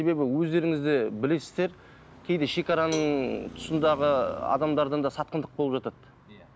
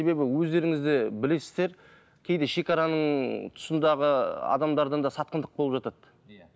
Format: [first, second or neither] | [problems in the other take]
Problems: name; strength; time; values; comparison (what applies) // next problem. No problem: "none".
second | background sound (Cowbell + Traffic noise, roadway noise); 19 dB below the speech